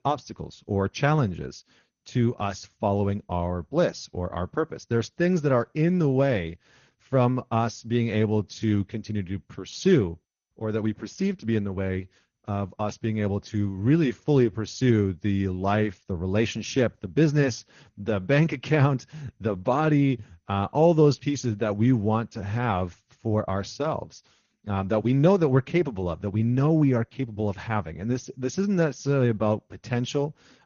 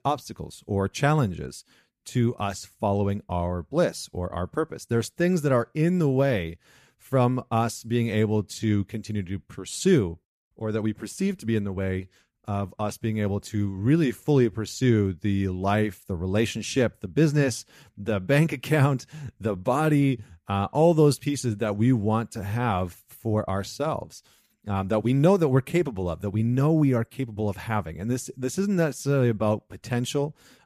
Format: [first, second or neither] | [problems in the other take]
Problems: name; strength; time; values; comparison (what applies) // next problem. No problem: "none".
second | garbled, watery; slightly; nothing above 6.5 kHz